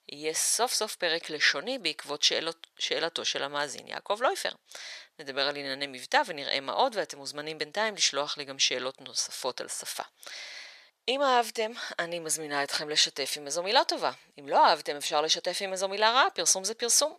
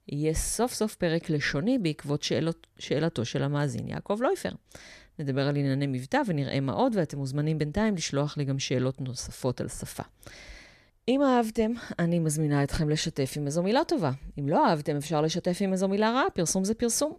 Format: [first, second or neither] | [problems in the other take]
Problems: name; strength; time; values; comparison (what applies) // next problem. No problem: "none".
second | thin; very; fading below 750 Hz